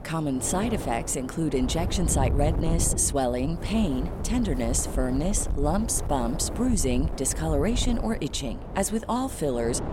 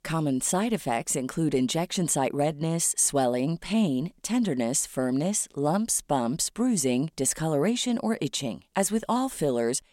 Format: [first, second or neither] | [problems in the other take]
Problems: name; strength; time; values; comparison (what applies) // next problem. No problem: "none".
second | wind noise on the microphone; occasional gusts; 10 dB below the speech